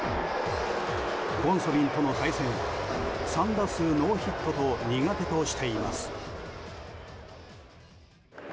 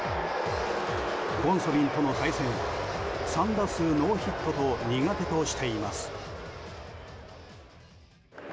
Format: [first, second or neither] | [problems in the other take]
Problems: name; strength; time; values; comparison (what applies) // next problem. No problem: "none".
second | background sound (Organ); 15 dB below the speech